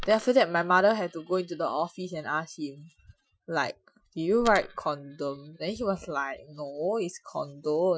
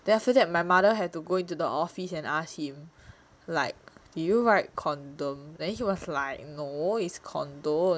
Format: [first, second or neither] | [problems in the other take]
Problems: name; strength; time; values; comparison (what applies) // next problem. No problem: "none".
second | noise reduction (classical method Wiener filter)